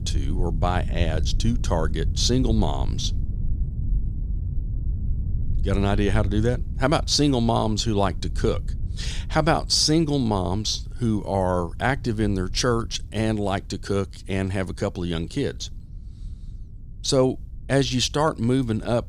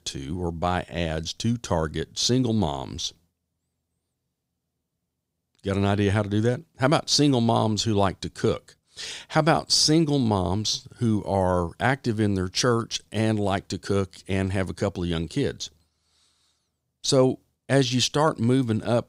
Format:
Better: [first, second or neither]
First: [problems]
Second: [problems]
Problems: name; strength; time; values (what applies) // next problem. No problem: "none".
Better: second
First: wind noise on the microphone; occasional gusts; 20 dB below the speech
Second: none